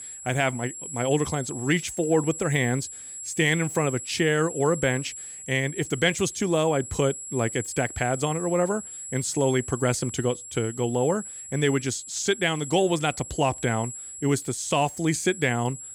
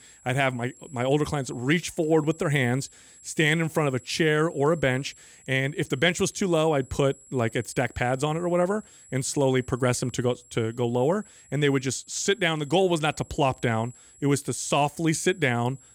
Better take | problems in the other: second | high-pitched whine; loud; throughout; 7.5 kHz, 10 dB below the speech; faint in the second

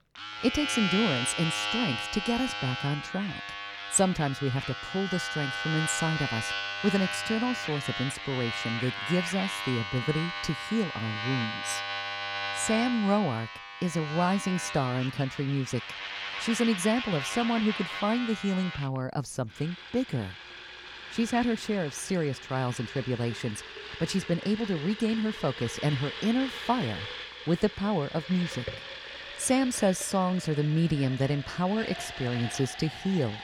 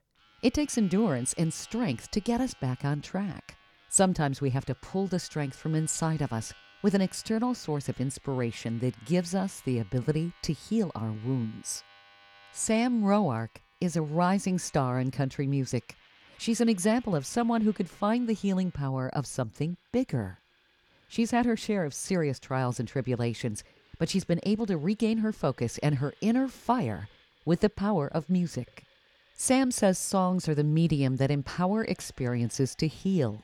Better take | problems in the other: second | household noises; loud; throughout; 5 dB below the speech; faint in the second

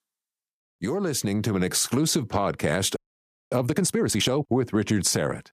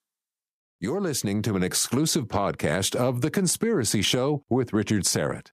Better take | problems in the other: second | audio freezing; at 3 s for 0.5 s

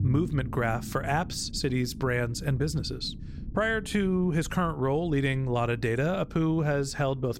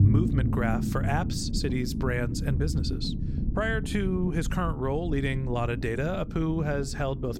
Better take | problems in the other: first | low rumble; loud; throughout; 9 dB below the speech; faint in the first

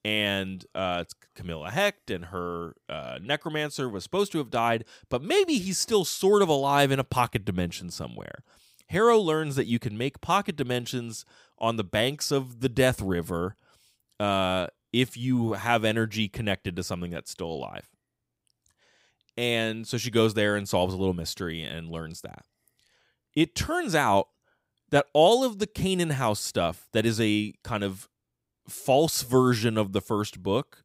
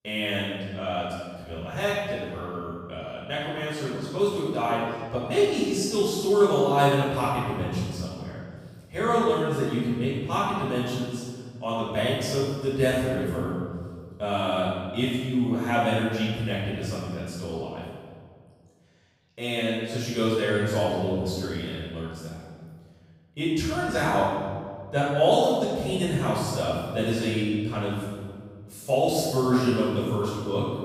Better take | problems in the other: first | room echo; strong; dies away in 1.7 s // off-mic speech; far

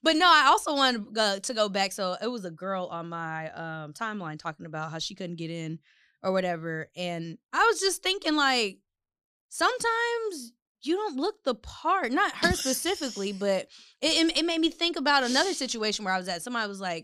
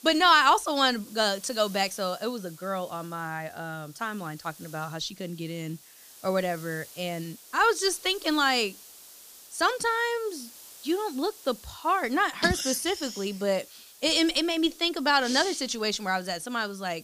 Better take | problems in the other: first | hiss; faint; throughout; 20 dB below the speech

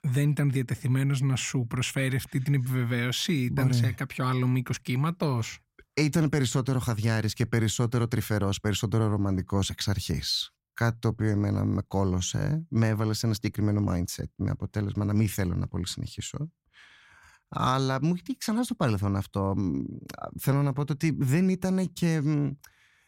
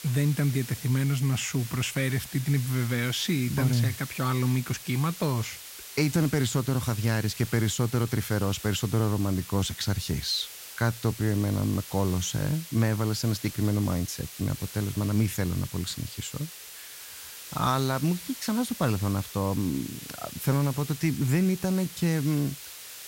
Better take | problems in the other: first | hiss; noticeable; throughout; 10 dB below the speech

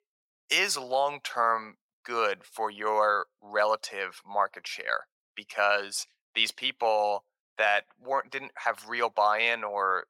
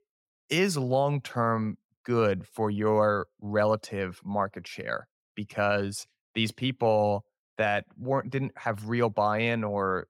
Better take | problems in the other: second | thin; very; fading below 850 Hz

